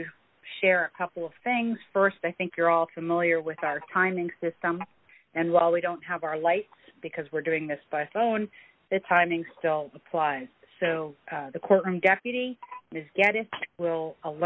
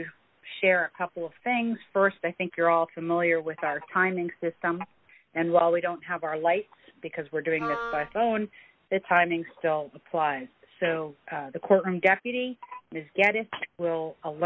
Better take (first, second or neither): first